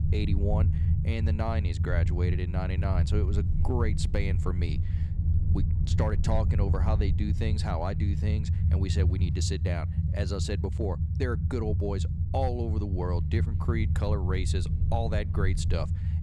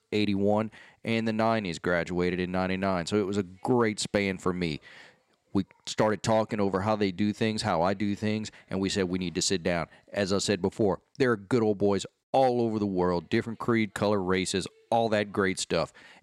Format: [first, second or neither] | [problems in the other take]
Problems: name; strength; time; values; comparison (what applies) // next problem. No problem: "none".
second | low rumble; loud; throughout; 7 dB below the speech